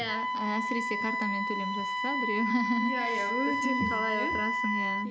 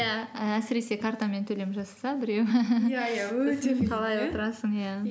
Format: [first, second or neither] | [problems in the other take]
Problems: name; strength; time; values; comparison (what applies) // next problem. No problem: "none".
second | background sound (Wind instrument, woodwind instrument); 2 dB above the speech